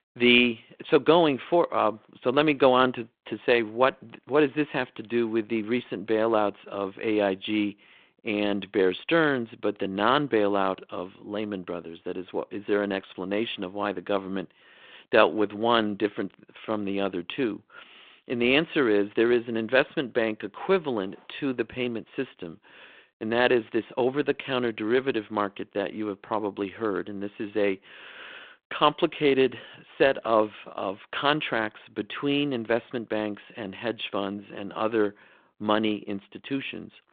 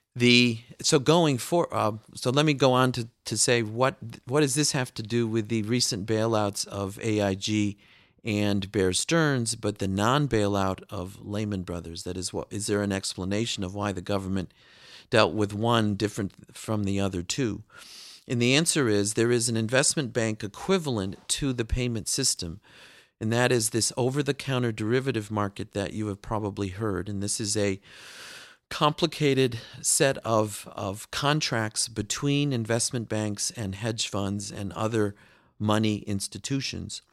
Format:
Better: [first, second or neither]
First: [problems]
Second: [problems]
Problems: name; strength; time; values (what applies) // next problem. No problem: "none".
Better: second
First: phone-call audio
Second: none